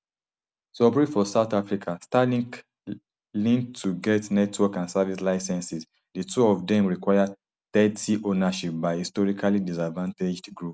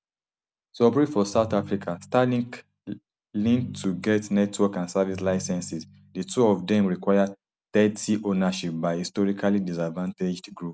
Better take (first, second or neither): first